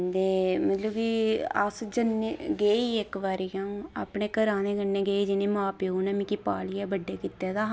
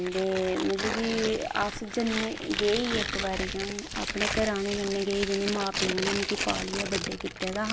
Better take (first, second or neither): first